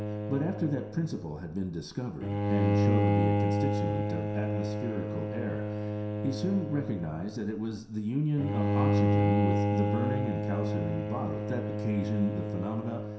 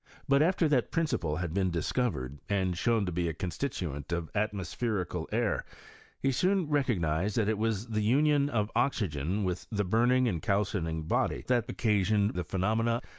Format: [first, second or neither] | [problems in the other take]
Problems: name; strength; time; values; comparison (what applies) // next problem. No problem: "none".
second | background sound (Bowed string instrument); 4 dB above the speech // room echo; dies away in 0.7 s